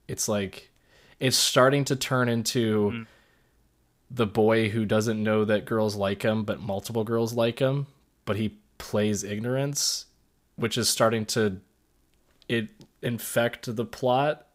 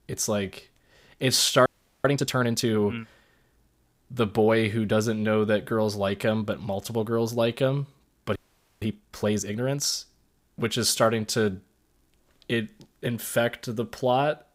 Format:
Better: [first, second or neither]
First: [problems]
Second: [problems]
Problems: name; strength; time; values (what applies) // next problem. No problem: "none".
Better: first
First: none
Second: audio freezing; at 1.5 s and at 8.5 s